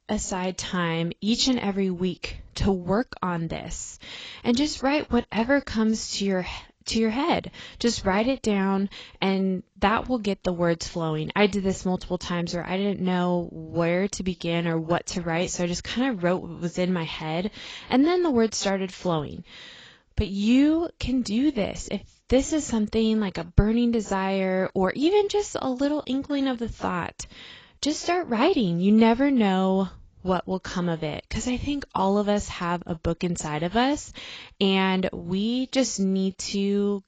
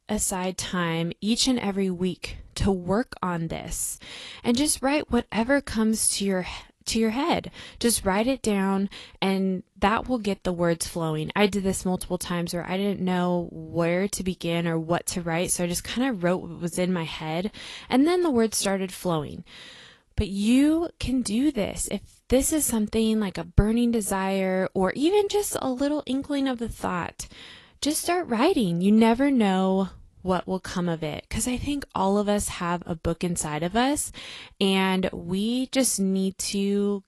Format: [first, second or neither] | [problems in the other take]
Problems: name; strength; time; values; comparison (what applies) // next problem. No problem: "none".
second | garbled, watery; badly; nothing above 7.5 kHz; slightly in the second